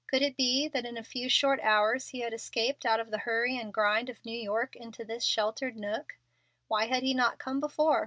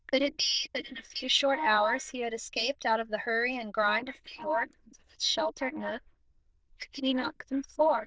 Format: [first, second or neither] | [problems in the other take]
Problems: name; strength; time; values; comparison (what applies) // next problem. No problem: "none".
first | noise reduction (neural diffusion model UNIVERSE++)